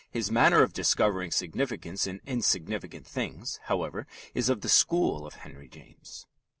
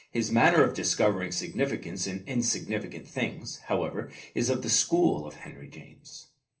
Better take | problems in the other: first | room echo; dies away in 0.3 s

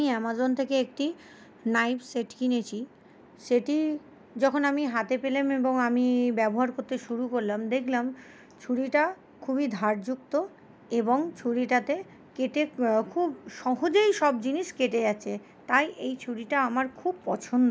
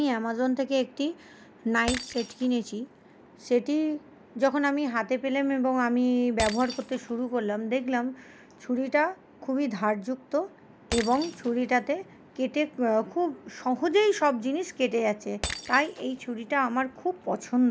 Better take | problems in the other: first | background sound (Shatter); 17 dB below the speech

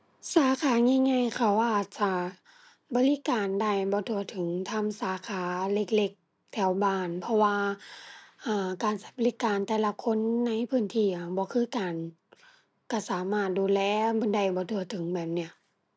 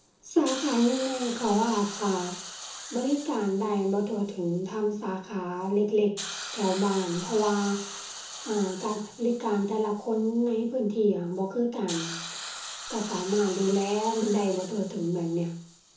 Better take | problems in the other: first | background sound (Hiss); 13 dB below the speech // room echo; dies away in 0.7 s

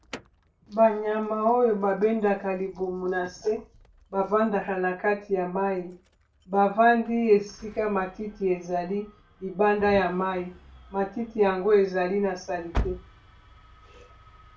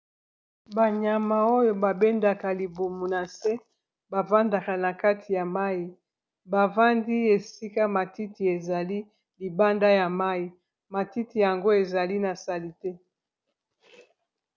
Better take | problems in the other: second | background sound (Engine starting); 17 dB below the speech // room echo; dies away in 0.2 s

